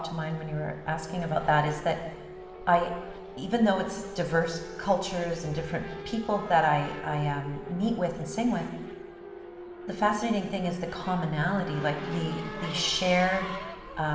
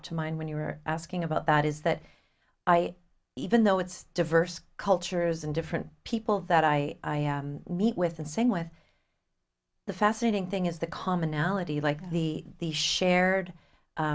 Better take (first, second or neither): second